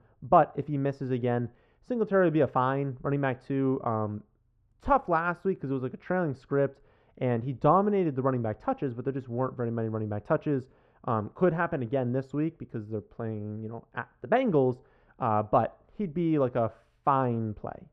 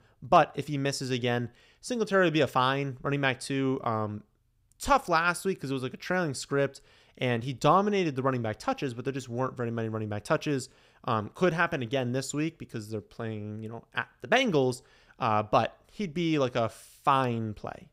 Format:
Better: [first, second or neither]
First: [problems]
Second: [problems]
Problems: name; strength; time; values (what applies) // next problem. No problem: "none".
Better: second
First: muffled; very; fading above 3.5 kHz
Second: none